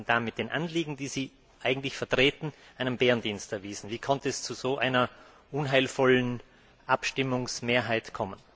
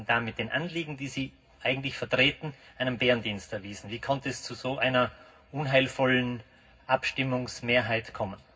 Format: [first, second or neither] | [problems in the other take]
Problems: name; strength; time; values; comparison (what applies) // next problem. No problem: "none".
first | room echo; dies away in 0.4 s